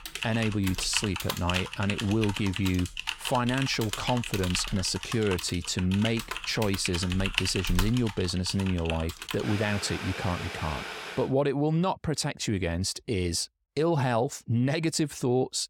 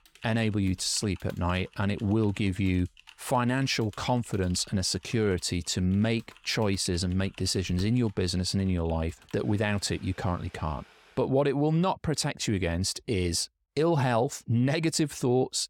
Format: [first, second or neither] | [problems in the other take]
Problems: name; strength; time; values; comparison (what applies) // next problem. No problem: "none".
second | household noises; loud; until 11 s; 6 dB below the speech; faint in the second